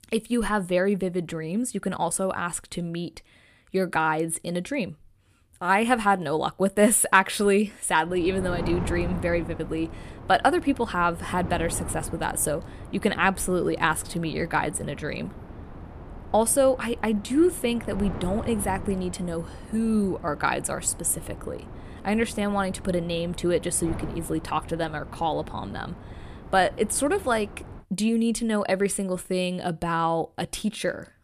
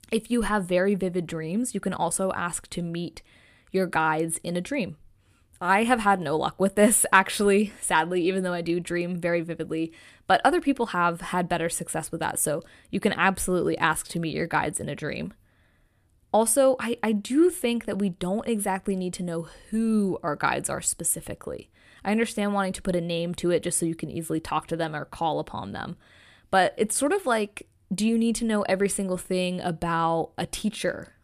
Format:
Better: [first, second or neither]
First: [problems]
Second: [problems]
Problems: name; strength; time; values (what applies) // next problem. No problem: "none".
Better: second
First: wind noise on the microphone; occasional gusts; from 8 to 28 s; 20 dB below the speech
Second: none